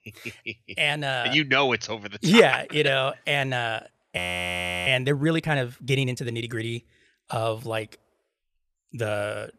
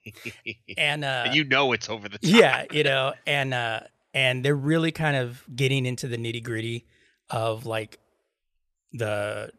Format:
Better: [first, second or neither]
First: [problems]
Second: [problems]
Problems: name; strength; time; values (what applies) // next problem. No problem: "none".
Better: second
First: audio freezing; at 4 s for 0.5 s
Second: none